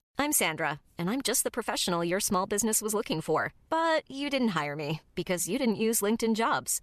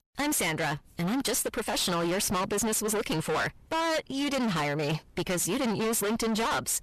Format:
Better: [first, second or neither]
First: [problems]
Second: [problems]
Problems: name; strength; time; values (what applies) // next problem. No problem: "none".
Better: first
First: none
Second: distortion; heavy; 38% of the sound clipped